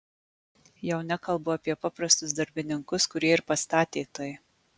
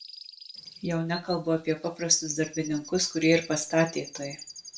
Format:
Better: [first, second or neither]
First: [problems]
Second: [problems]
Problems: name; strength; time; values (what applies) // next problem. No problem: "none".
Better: first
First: none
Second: background sound (Chirp, tweet); 16 dB below the speech // room echo; dies away in 0.2 s